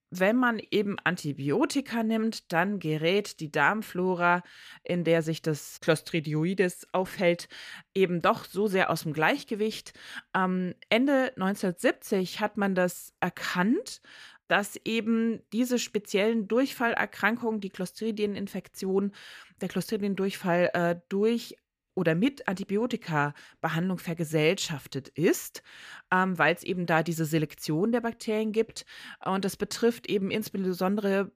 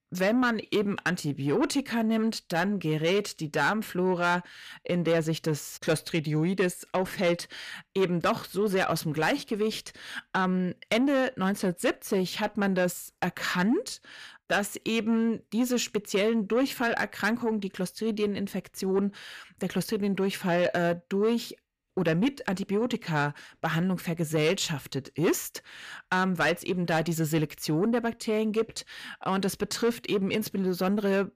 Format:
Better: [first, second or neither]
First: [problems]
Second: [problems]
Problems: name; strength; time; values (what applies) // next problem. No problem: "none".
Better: first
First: none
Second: distortion; slight; 10 dB below the speech